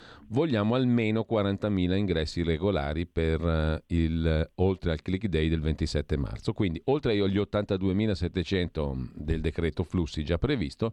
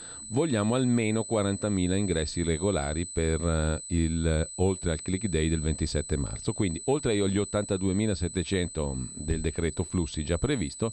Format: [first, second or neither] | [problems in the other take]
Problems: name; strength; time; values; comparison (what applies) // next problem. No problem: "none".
first | high-pitched whine; loud; throughout; 8 kHz, 9 dB below the speech